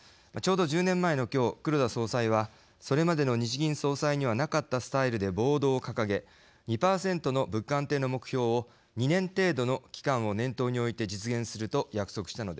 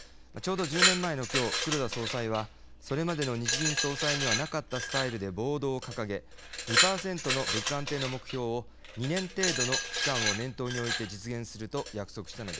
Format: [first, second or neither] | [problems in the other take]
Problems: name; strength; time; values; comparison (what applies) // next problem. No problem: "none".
first | background sound (Glass); as loud as the speech